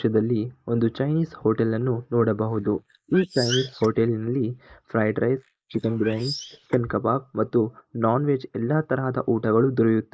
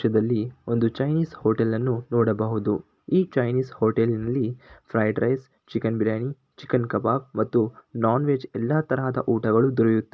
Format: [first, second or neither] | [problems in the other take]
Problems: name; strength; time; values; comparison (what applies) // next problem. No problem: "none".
second | noise reduction (neural mask model Resemble Enhance denoiser)